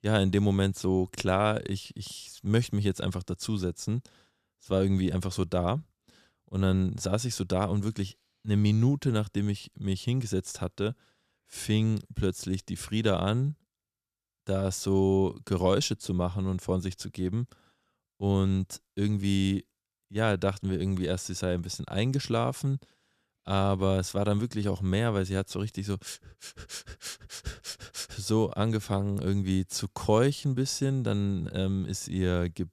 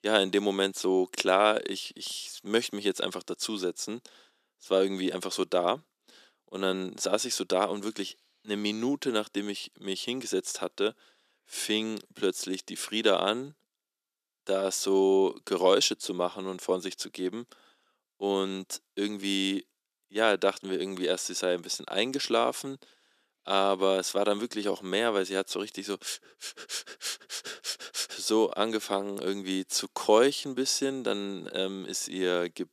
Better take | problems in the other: first | thin; somewhat; fading below 300 Hz

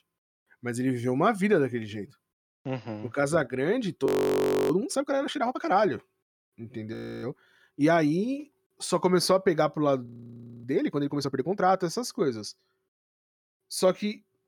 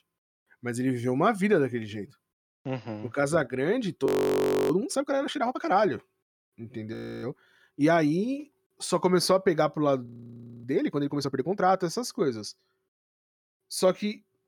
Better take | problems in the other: neither | audio freezing; at 4 s for 0.5 s, at 7 s and at 10 s for 0.5 s; the same in both

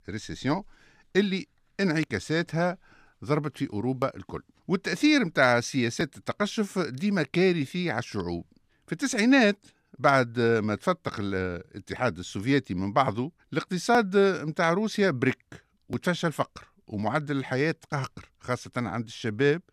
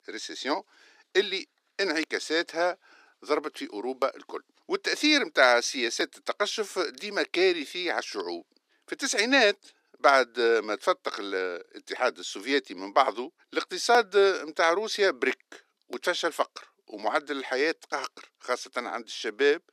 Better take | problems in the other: first | thin; somewhat; fading below 350 Hz

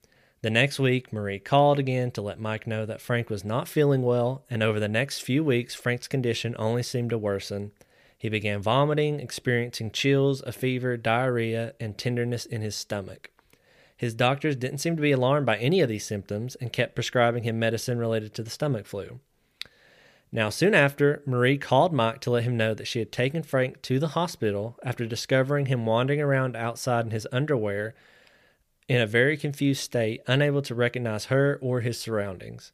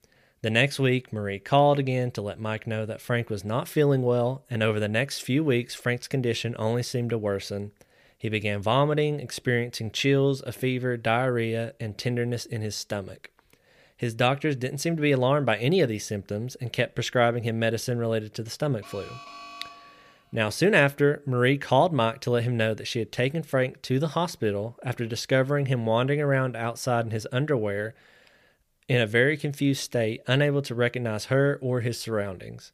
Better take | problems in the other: first | alarm; faint; from 19 to 20 s; peak 15 dB below the speech

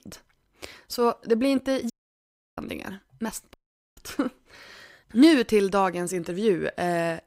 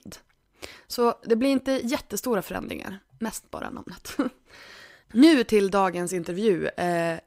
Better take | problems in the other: second | audio cutting out; at 2 s for 0.5 s and at 3.5 s

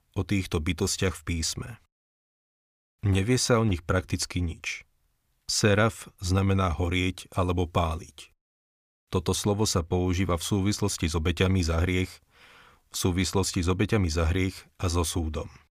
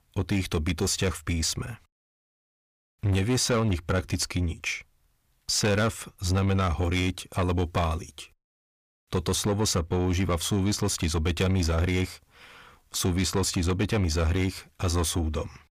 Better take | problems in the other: first | distortion; slight; 10 dB below the speech

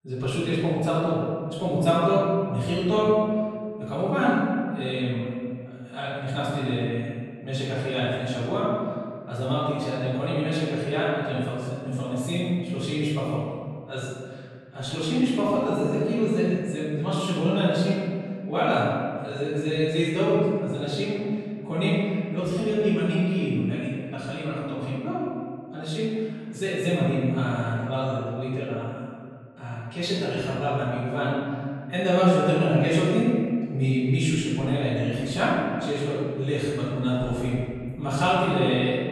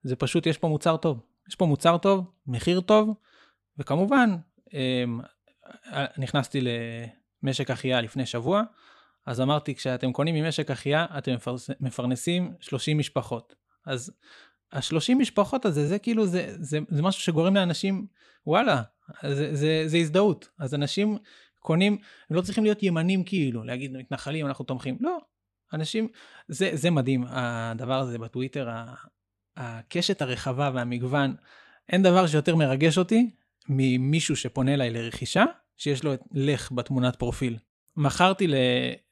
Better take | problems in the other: second | off-mic speech; far // room echo; strong; dies away in 1.9 s

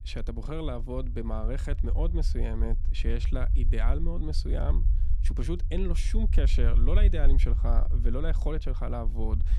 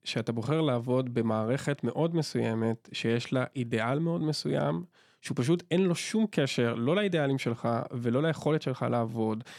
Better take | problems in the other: second | low rumble; noticeable; throughout; 10 dB below the speech

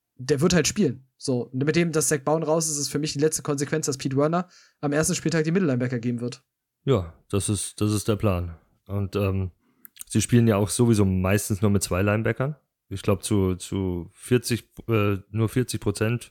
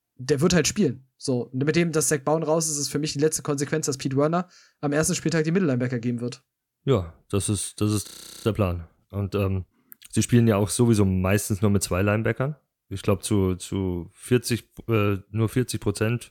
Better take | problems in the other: first | audio freezing; at 8 s

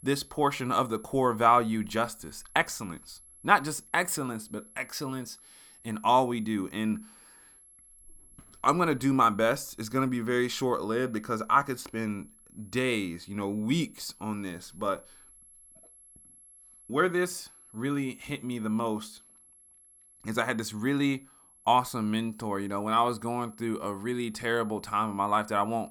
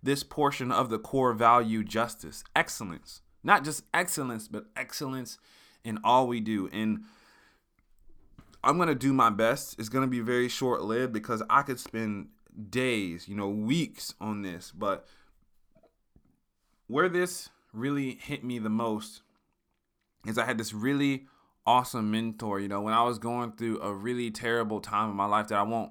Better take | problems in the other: second | high-pitched whine; faint; throughout; 11 kHz, 25 dB below the speech

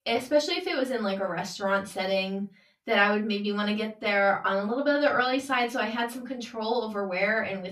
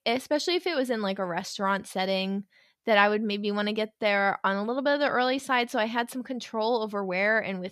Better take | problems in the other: second | off-mic speech; far // room echo; very slight; dies away in 0.2 s

